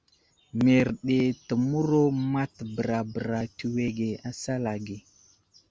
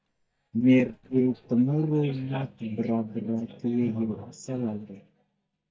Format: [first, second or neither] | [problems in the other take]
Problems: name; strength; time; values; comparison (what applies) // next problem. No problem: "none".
first | noise reduction (neural mask model DeepFilterNet 3)